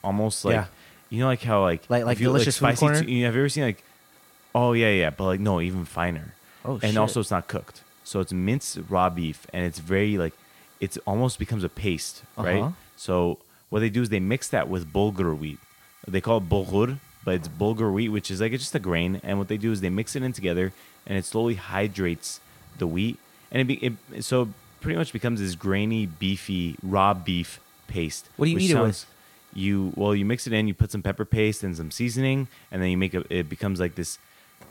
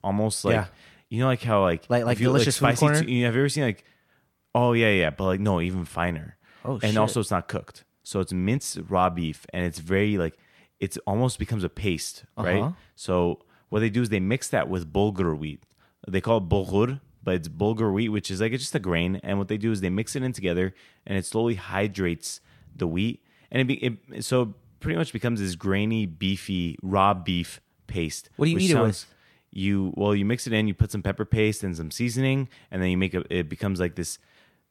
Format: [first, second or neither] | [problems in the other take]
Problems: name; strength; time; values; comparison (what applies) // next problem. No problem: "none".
second | hiss; faint; throughout; 25 dB below the speech